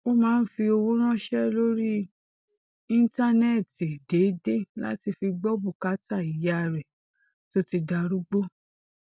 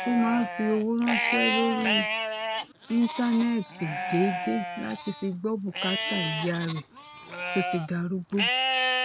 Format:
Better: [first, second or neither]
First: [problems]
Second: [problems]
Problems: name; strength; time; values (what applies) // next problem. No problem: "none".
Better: first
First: none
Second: background sound (Livestock, farm animals, working animals); 2 dB below the speech